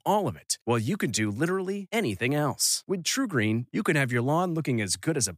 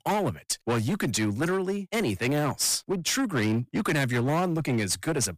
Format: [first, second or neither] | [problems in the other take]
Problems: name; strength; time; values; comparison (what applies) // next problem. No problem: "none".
first | distortion; slight; 17% of the sound clipped